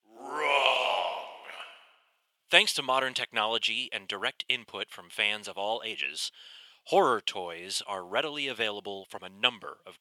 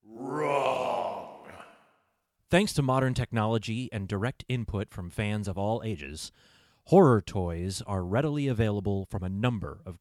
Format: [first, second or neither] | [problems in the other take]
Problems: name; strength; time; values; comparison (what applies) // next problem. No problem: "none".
second | thin; very; fading below 650 Hz